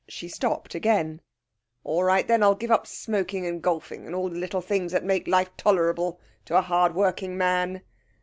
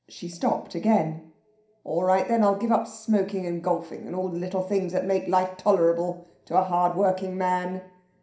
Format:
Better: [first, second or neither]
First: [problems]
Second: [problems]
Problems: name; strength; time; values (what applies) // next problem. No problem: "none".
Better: first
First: none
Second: room echo; dies away in 0.5 s